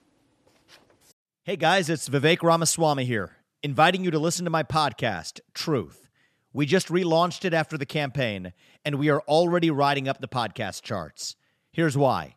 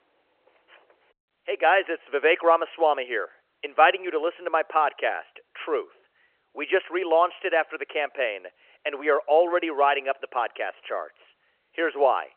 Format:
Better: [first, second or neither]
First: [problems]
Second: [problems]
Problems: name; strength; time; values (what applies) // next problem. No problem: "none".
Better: first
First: none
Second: phone-call audio